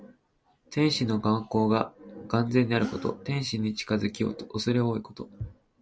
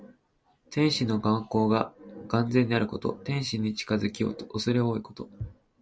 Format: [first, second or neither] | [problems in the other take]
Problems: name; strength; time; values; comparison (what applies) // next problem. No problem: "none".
second | background sound (Gasp); 17 dB below the speech